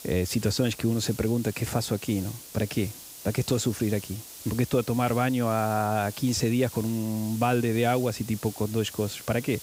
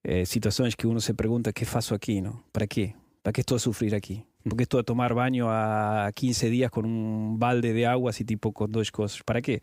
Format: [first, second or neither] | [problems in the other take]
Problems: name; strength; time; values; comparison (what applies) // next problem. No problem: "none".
second | hiss; noticeable; throughout; 15 dB below the speech